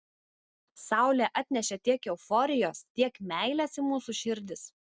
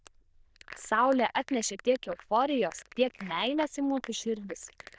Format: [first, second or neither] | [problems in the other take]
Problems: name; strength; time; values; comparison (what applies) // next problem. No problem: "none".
first | noise reduction (neural diffusion model UNIVERSE++)